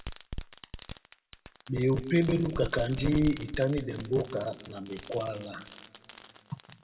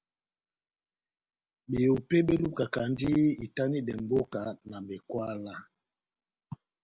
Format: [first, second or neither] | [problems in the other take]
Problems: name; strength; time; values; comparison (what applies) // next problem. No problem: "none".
second | background sound (Fireworks); 11 dB below the speech // room echo; dies away in 1.2 s